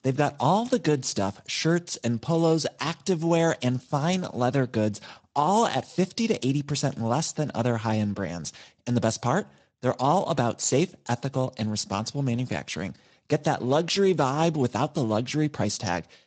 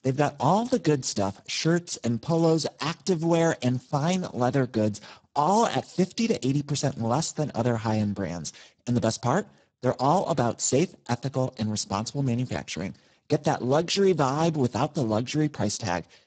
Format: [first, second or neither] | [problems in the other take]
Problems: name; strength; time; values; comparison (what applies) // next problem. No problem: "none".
first | garbled, watery; badly; nothing above 7.5 kHz; slightly in the first